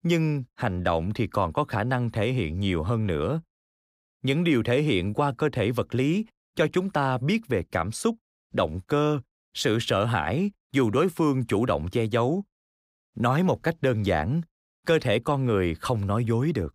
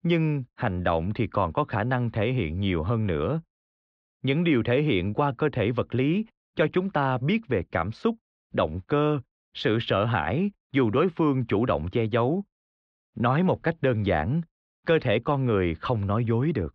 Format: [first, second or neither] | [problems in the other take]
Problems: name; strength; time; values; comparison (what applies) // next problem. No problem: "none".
first | muffled; slightly; fading above 3.5 kHz